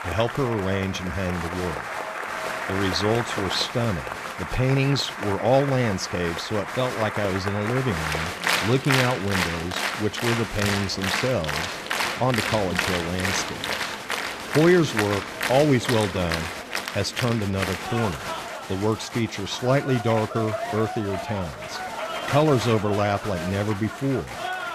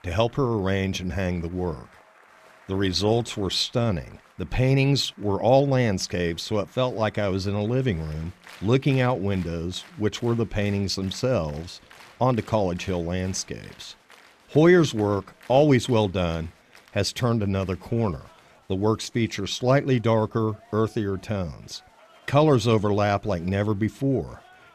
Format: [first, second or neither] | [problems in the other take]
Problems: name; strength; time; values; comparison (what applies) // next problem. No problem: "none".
second | crowd noise; loud; throughout; 4 dB below the speech; faint in the second